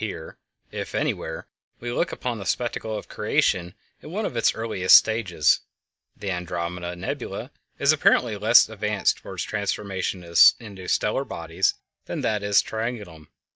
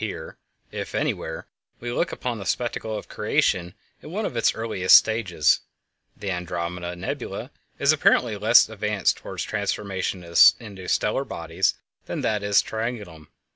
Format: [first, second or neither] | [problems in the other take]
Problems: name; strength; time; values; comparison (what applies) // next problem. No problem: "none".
second | noise reduction (neural mask model DeepFilterNet 3)